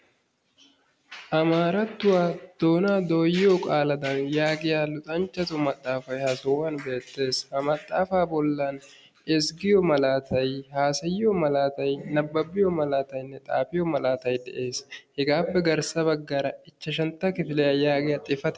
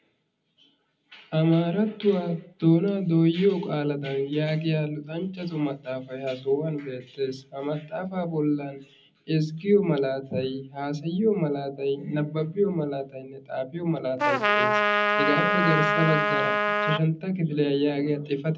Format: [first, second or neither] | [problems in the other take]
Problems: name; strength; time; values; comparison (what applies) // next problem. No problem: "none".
first | background sound (Trumpet); 2 dB above the speech // room echo; dies away in 0.4 s